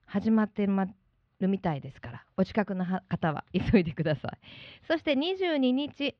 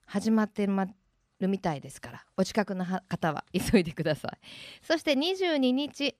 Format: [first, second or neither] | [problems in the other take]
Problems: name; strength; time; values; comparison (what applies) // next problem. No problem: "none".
second | muffled; slightly; fading above 3.5 kHz